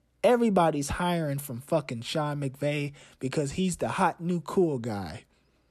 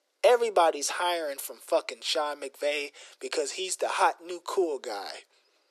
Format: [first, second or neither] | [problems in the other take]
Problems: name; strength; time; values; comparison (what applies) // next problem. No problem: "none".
first | thin; very; fading below 400 Hz